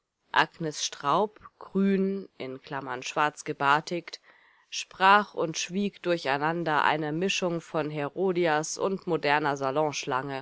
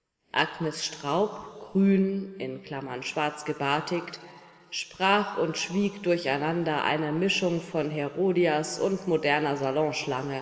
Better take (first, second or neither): first